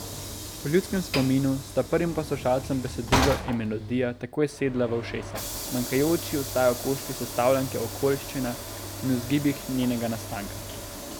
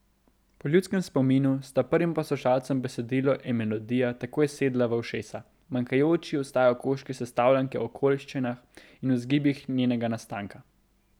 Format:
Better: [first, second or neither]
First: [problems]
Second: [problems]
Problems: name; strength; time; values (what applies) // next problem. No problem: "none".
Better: second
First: background sound (Sliding door / Train); 7 dB below the speech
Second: none